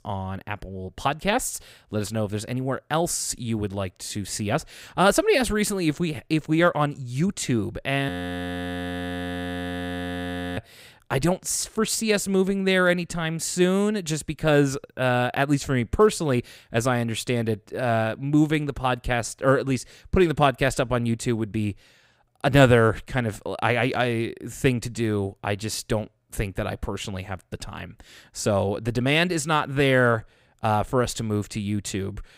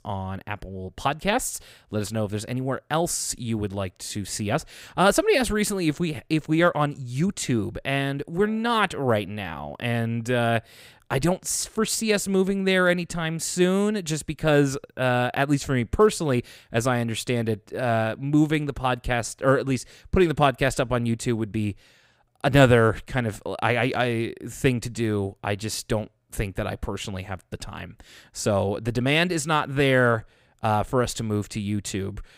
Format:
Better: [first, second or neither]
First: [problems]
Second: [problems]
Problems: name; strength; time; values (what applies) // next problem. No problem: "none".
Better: second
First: audio freezing; at 8 s for 2.5 s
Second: none